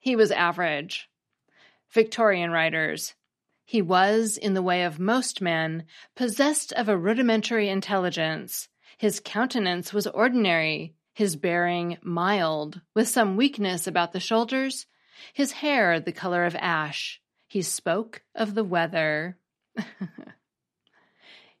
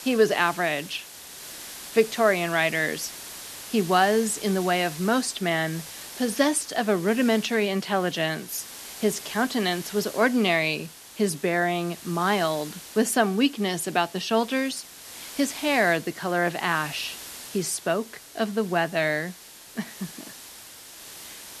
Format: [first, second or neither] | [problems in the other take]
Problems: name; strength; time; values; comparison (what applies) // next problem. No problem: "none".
first | hiss; noticeable; throughout; 15 dB below the speech